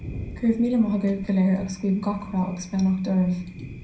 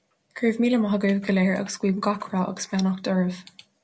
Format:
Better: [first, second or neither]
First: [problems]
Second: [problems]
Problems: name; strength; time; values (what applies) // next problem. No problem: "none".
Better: second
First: background sound (Thunder); 15 dB below the speech // room echo; dies away in 0.6 s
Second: none